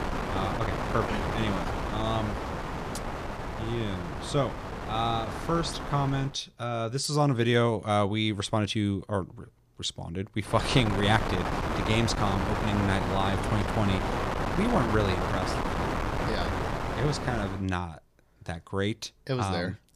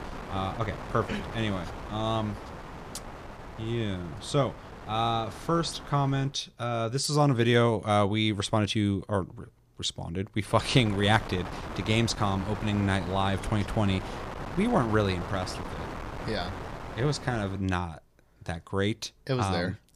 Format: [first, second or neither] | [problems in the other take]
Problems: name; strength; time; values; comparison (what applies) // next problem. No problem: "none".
second | wind noise on the microphone; heavy; until 6.5 s and from 11 to 18 s; 1 dB below the speech; occasional gusts in the second